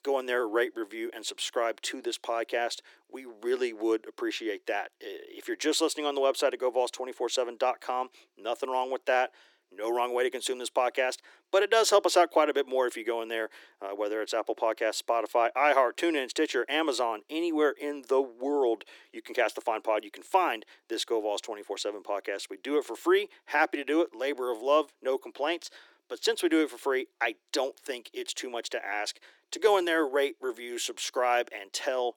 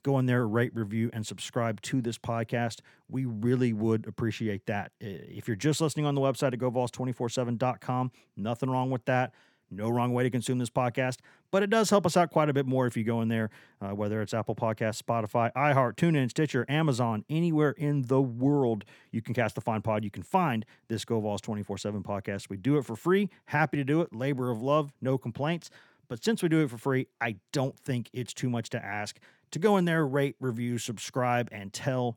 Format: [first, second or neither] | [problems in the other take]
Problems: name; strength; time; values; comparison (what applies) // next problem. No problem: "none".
second | thin; very; fading below 300 Hz